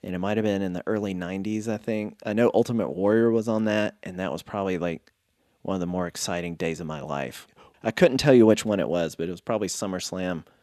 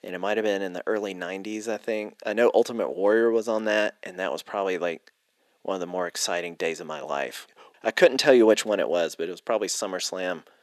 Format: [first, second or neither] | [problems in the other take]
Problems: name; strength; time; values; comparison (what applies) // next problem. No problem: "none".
first | thin; somewhat; fading below 450 Hz